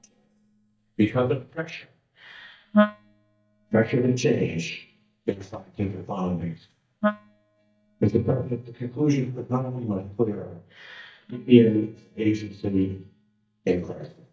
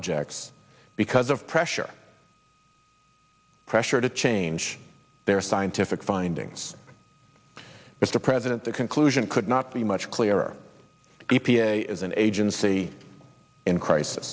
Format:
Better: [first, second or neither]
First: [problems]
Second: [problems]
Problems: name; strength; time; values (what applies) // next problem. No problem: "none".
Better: second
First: noise reduction (neural mask model DeepFilterNet 3)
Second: none